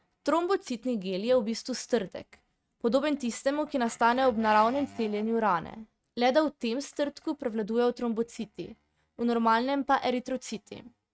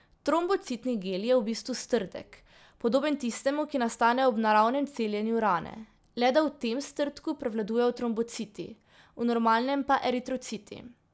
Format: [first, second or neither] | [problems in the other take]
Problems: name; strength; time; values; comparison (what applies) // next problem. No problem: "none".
second | noise reduction (neural mask model RNNoise)